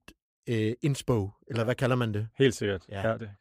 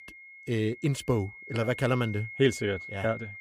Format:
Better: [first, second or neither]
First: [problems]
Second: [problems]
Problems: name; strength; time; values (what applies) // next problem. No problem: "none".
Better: first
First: none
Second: high-pitched whine; noticeable; throughout; 2 kHz, 10 dB below the speech